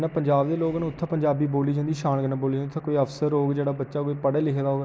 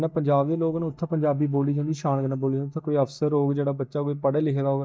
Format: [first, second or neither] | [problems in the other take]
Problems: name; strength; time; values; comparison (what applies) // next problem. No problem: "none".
first | noise reduction (neural mask model DeepFilterNet 3)